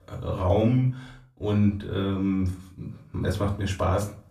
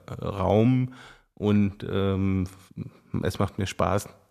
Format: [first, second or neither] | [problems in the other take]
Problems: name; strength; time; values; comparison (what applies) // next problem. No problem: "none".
second | off-mic speech; far // room echo; slight; dies away in 0.3 s